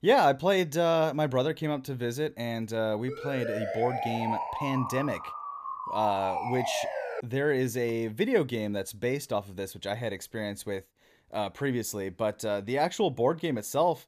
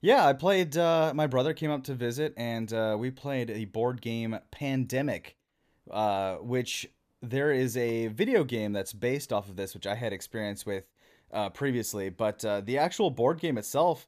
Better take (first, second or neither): second